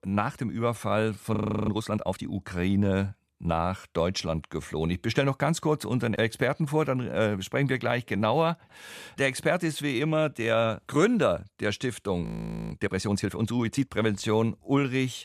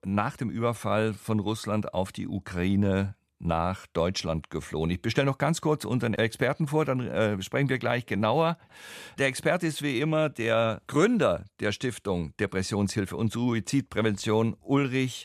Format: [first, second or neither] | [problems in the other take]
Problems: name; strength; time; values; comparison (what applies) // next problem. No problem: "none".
second | audio freezing; at 1.5 s and at 12 s